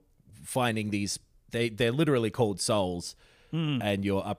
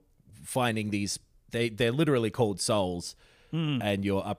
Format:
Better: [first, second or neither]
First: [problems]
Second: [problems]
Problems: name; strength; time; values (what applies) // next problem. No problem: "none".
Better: neither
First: none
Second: none